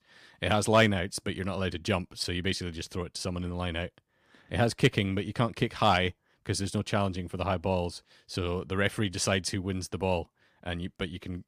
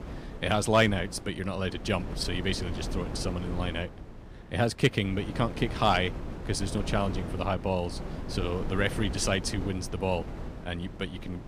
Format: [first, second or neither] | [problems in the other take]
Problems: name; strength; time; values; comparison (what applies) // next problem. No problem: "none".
first | wind noise on the microphone; occasional gusts; 15 dB below the speech